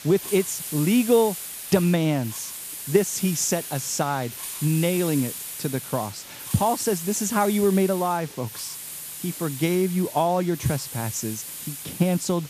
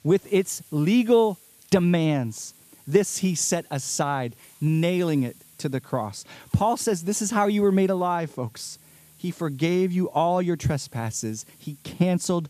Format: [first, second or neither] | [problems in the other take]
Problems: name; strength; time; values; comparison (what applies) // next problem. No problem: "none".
second | hiss; loud; throughout; 9 dB below the speech; faint in the second